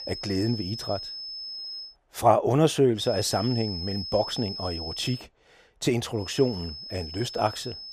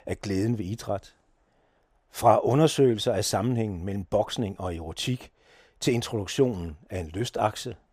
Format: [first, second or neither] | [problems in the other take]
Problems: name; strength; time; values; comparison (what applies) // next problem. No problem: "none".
second | high-pitched whine; loud; until 2 s, from 3 to 5 s and from 6 s on; 5 kHz, 8 dB below the speech